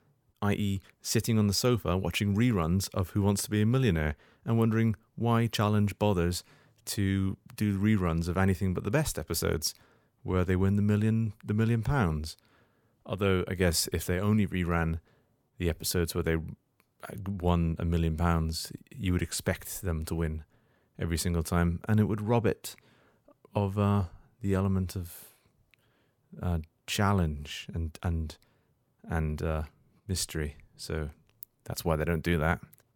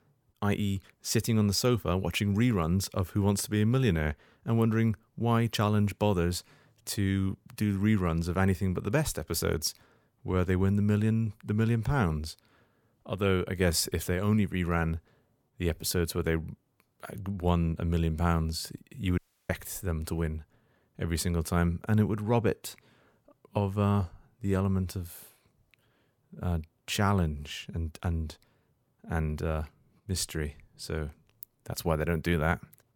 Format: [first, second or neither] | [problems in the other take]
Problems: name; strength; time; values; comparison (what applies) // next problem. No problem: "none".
first | audio cutting out; at 19 s